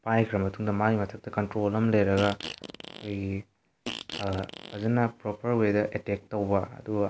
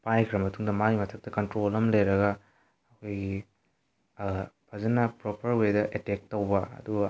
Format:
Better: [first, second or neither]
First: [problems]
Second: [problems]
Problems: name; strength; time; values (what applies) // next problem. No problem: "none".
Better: second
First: background sound (Fart); 12 dB below the speech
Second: none